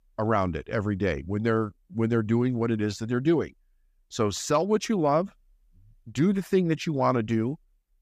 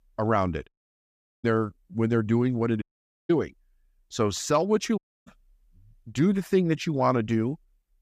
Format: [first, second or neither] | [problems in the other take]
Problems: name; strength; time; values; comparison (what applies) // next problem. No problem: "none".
first | audio cutting out; at 0.5 s for 0.5 s, at 3 s and at 5 s